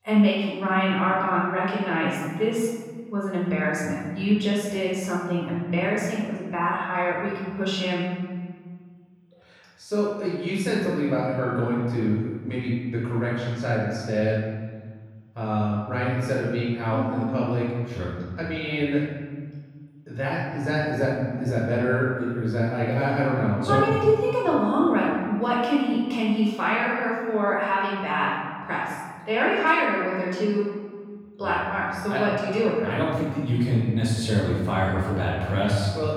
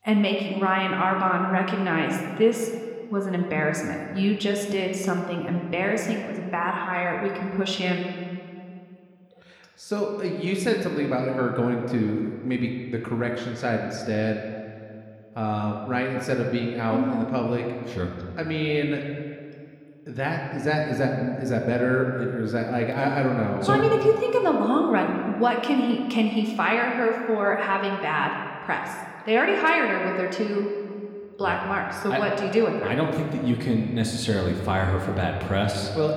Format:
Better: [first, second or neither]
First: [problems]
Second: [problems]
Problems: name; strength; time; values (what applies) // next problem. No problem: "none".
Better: second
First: room echo; strong; dies away in 1.6 s // off-mic speech; far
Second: room echo; slight; dies away in 1.8 s